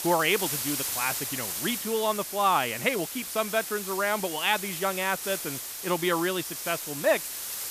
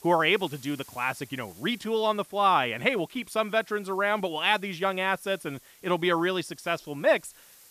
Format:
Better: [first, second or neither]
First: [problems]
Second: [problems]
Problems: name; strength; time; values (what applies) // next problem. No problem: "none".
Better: second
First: hiss; loud; throughout; 4 dB below the speech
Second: hiss; faint; throughout; 25 dB below the speech